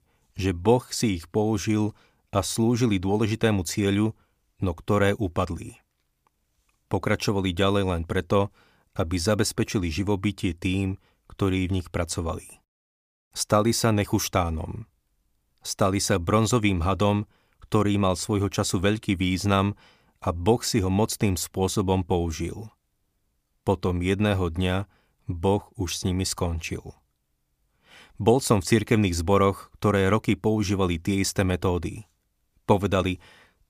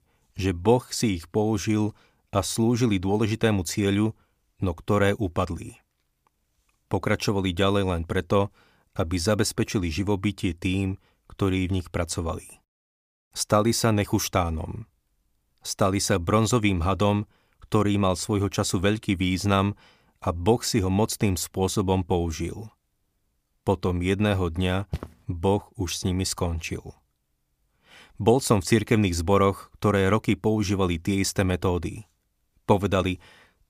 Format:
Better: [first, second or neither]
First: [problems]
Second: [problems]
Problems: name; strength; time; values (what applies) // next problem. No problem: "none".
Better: first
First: none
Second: footsteps; faint; at 25 s; peak 10 dB below the speech